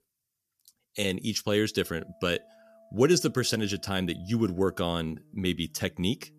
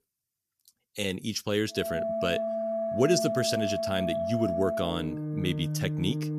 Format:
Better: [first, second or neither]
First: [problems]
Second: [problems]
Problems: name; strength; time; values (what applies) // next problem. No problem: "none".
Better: first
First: background music; faint; from 2 s on; 30 dB below the speech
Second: background music; loud; from 2 s on; 1 dB below the speech